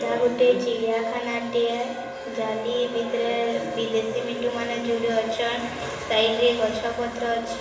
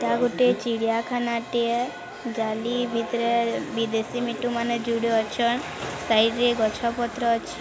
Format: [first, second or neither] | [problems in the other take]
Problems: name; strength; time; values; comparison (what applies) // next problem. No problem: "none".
second | background sound (Wind instrument, woodwind instrument); 16 dB below the speech // room echo; dies away in 1.1 s